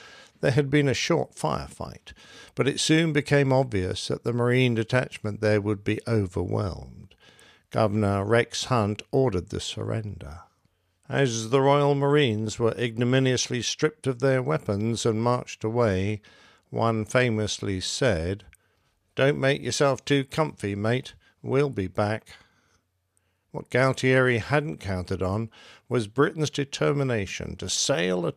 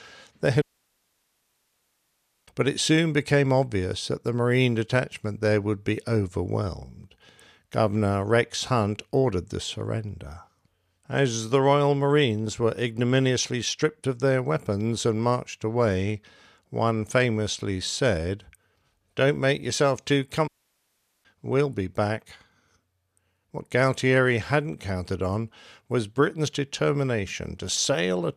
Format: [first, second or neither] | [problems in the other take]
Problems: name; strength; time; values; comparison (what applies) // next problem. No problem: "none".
first | audio cutting out; at 0.5 s for 2 s and at 20 s for 1 s